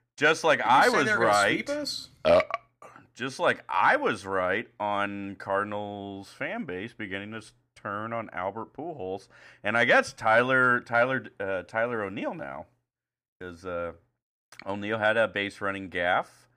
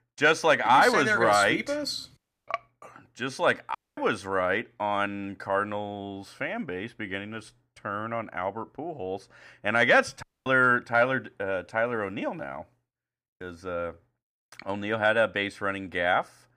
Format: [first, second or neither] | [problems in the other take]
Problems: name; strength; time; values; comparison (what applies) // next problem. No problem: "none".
first | audio cutting out; at 2 s, at 4 s and at 10 s